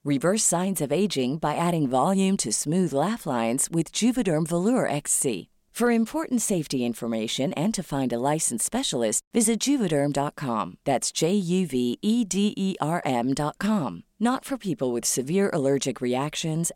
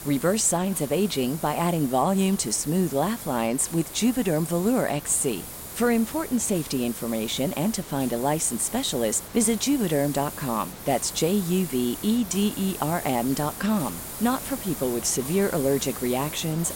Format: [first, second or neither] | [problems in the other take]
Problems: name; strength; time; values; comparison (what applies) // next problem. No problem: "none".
first | hiss; noticeable; throughout; 10 dB below the speech